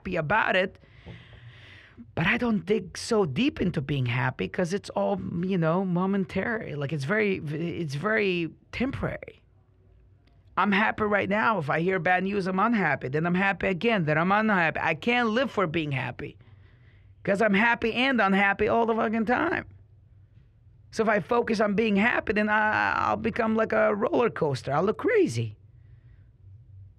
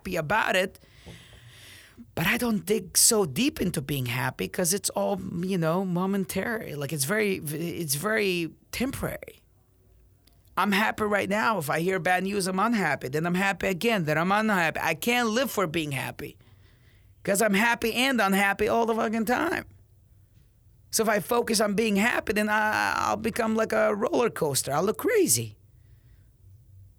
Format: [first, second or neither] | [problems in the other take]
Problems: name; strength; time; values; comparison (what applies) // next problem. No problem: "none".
second | muffled; slightly; fading above 2.5 kHz